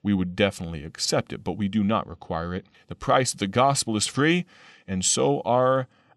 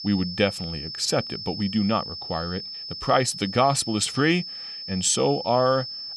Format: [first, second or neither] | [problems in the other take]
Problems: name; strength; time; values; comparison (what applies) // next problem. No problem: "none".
first | high-pitched whine; loud; throughout; 5 kHz, 9 dB below the speech